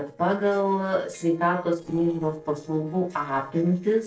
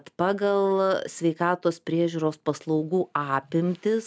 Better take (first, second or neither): second